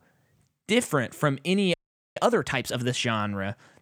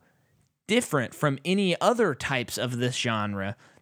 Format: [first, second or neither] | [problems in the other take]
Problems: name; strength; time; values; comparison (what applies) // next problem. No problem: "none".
second | audio freezing; at 1.5 s